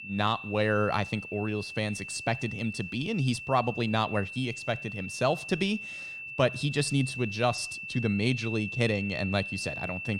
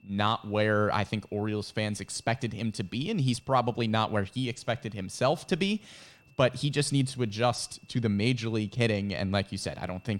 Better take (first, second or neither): second